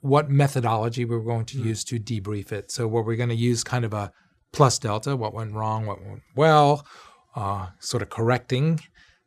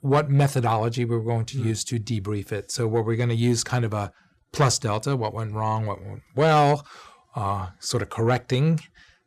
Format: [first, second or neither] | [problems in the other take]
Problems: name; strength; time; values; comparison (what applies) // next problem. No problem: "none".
first | distortion; slight; 10 dB below the speech